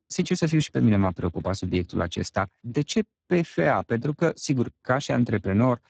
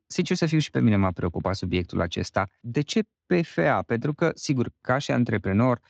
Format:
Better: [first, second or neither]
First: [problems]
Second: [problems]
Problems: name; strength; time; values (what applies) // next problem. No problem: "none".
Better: second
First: garbled, watery; badly; nothing above 7.5 kHz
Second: garbled, watery; slightly; nothing above 7.5 kHz